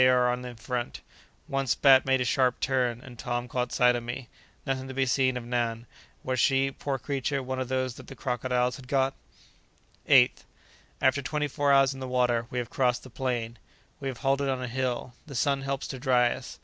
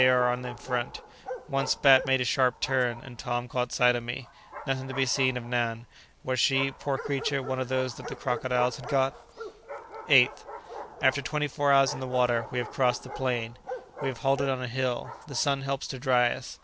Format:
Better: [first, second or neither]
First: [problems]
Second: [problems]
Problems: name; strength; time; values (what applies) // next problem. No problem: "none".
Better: first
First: none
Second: background sound (Bark); 13 dB below the speech